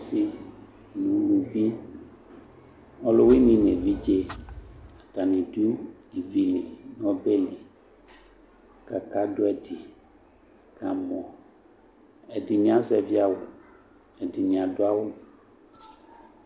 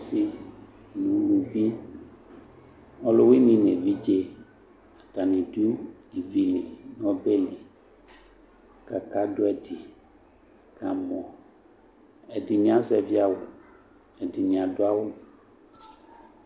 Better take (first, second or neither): second